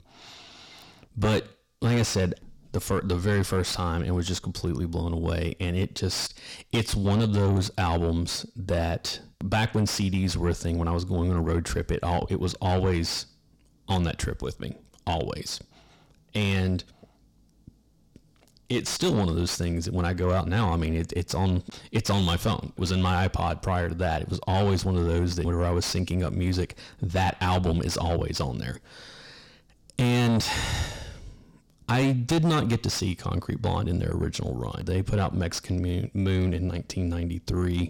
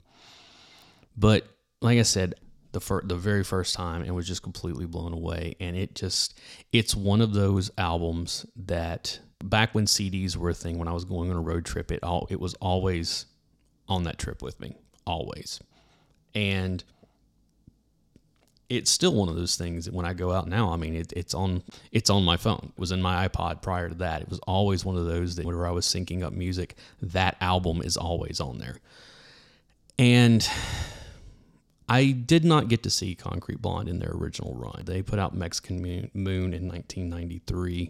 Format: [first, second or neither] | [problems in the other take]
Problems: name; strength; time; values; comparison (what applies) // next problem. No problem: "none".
second | distortion; heavy; 6 dB below the speech